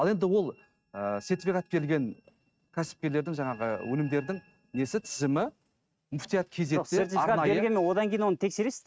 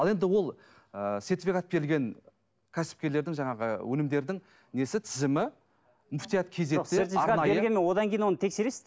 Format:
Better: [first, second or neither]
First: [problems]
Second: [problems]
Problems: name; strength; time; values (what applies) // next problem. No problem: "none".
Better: second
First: noise reduction (neural mask model RNNoise)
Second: none